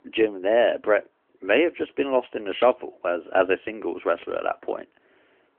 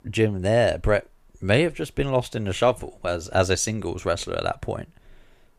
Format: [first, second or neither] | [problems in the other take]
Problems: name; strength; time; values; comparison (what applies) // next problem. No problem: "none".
second | phone-call audio; nothing above 3 kHz